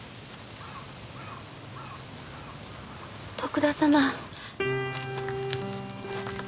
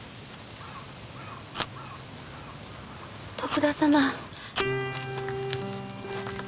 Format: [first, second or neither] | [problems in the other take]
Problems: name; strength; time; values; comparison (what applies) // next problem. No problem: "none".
first | background sound (Fire); 13 dB below the speech